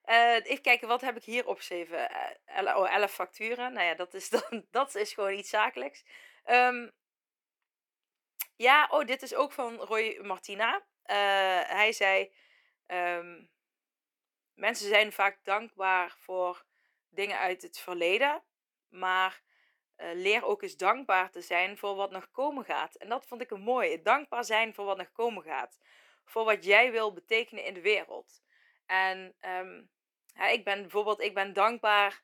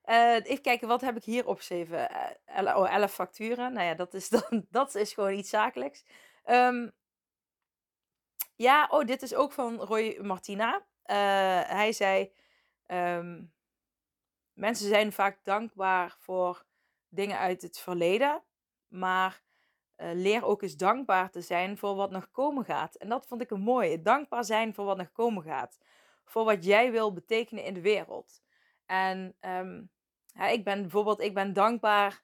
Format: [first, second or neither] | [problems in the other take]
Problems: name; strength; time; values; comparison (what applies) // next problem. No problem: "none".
second | thin; somewhat; fading below 300 Hz